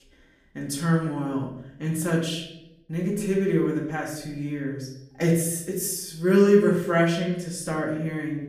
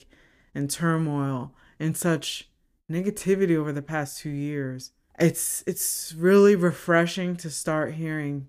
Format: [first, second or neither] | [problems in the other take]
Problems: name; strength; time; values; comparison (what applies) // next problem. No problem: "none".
second | off-mic speech; far // room echo; slight; dies away in 0.7 s